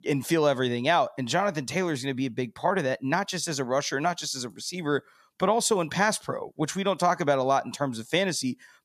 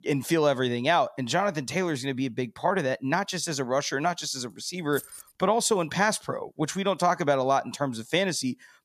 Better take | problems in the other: first | jangling keys; faint; at 5 s; peak 15 dB below the speech

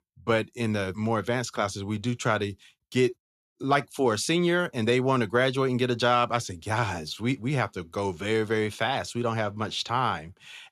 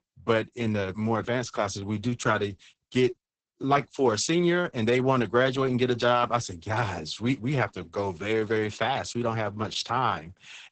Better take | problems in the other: first | garbled, watery; badly; nothing above 8 kHz

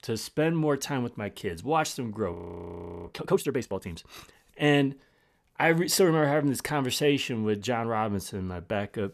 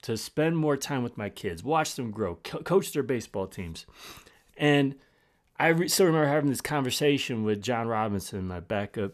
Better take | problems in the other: second | audio freezing; at 2.5 s for 0.5 s

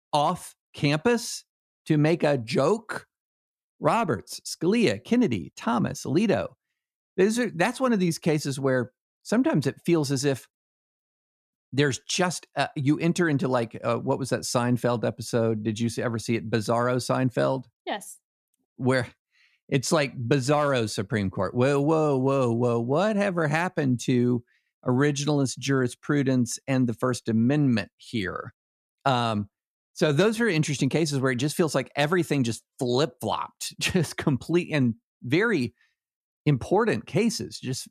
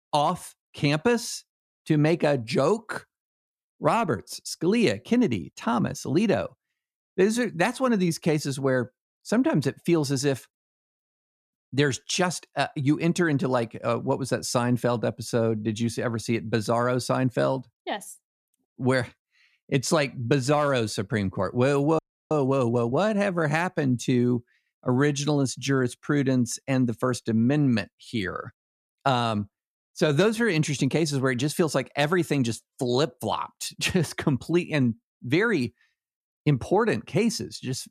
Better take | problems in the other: first | audio freezing; at 22 s

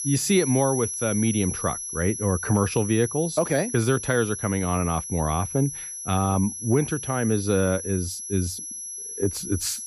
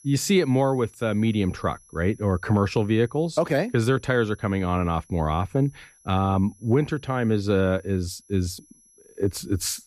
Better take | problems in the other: second | high-pitched whine; loud; throughout; 11 kHz, 6 dB below the speech; faint in the second

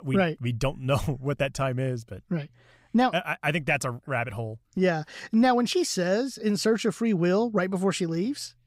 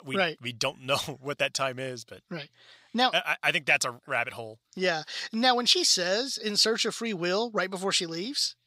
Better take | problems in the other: first | thin; somewhat; fading below 750 Hz

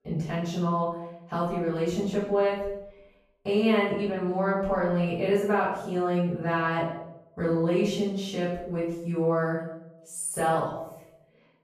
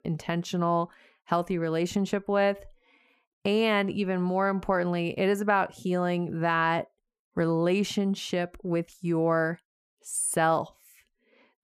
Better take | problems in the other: second | room echo; noticeable; dies away in 0.7 s // off-mic speech; far

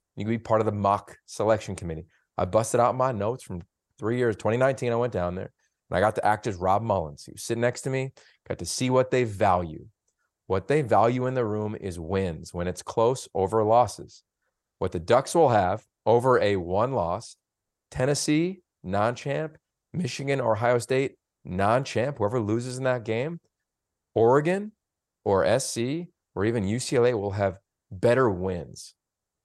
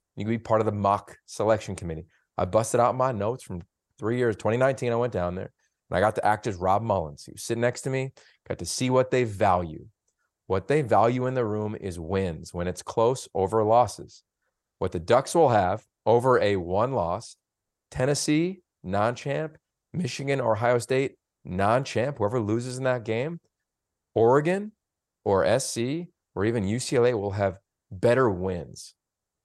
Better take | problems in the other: neither | none

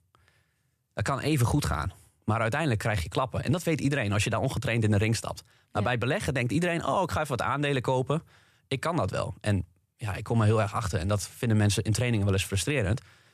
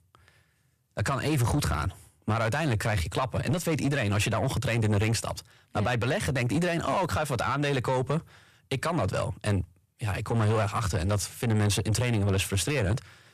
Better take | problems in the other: first | distortion; slight; 10 dB below the speech

